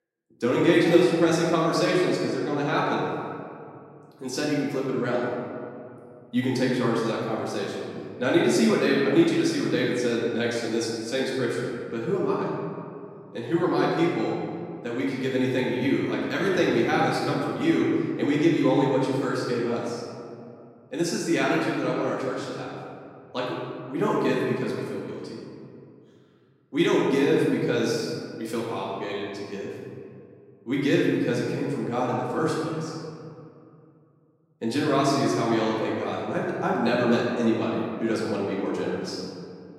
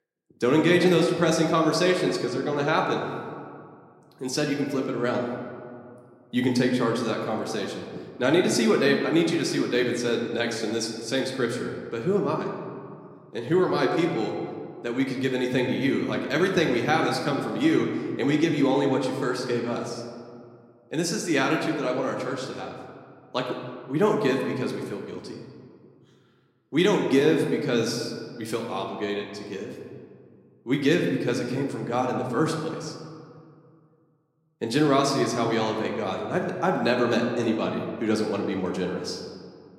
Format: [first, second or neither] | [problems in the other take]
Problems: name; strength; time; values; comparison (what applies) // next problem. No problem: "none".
second | room echo; strong; dies away in 2.1 s; slight in the second // off-mic speech; far